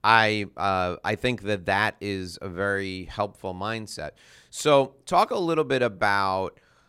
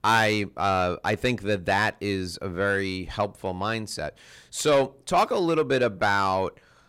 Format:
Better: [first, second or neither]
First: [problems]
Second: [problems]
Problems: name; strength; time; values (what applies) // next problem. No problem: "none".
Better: first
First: none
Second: distortion; slight; 10 dB below the speech